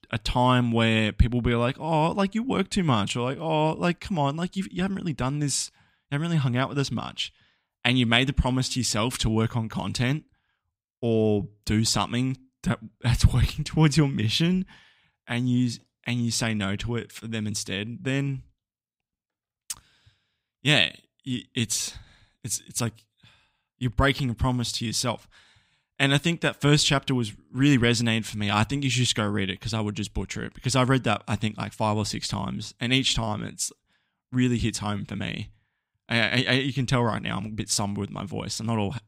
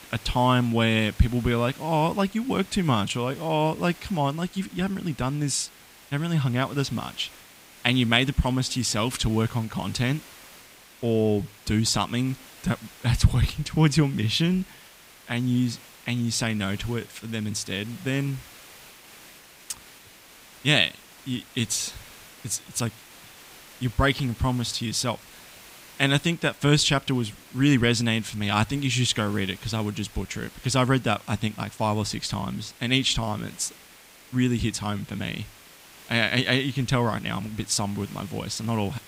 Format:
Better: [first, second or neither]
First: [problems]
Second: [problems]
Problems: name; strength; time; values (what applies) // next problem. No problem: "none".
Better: first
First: none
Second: hiss; faint; throughout; 20 dB below the speech